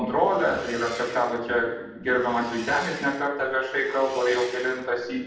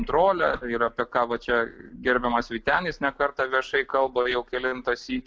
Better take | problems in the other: second | background sound (Engine); 17 dB below the speech // room echo; dies away in 0.8 s

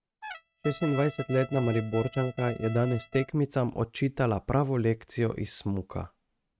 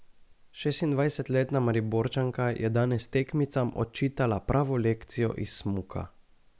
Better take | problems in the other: second | noise reduction (neural mask model RNNoise)

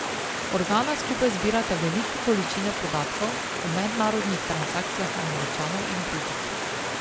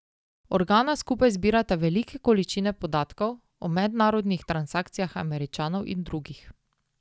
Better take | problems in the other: second | background sound (Stream); 1 dB below the speech

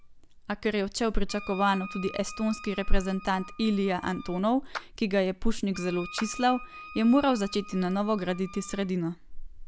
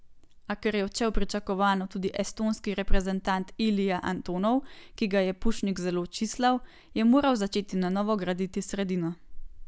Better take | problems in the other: second | background sound (Wind instrument, woodwind instrument + Clapping); 18 dB below the speech

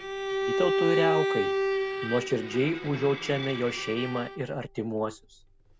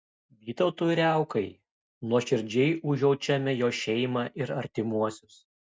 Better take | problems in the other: second | background sound (Bowed string instrument); 1 dB below the speech

